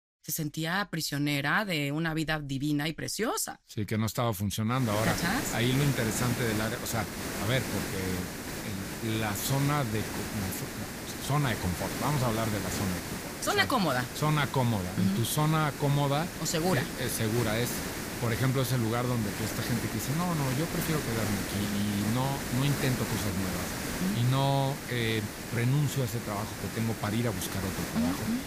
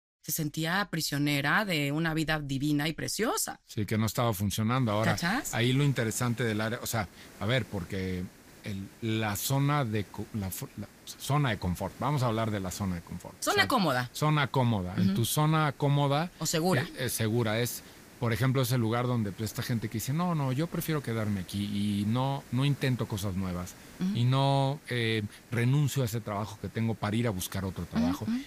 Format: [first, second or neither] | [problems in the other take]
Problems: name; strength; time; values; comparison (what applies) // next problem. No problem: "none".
second | hiss; loud; from 5 s on; 5 dB below the speech; faint in the second